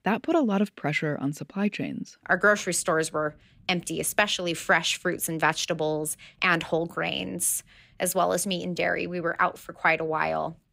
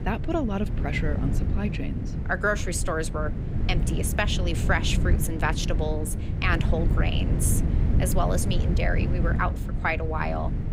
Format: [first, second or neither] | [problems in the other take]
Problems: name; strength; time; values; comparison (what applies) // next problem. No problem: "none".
first | wind noise on the microphone; heavy; 9 dB below the speech